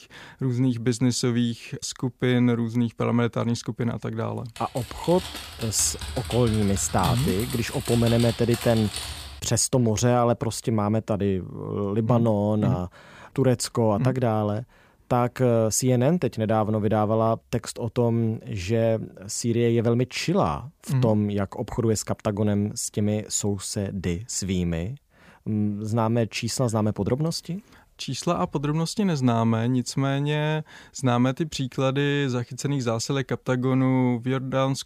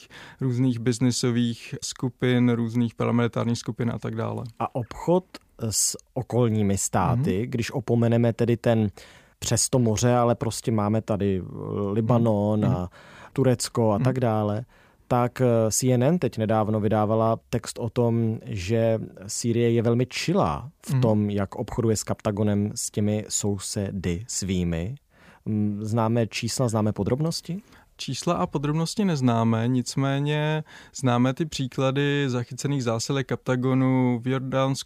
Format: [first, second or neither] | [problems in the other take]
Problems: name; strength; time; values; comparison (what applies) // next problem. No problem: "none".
second | keyboard typing; noticeable; from 4.5 to 9.5 s; peak 7 dB below the speech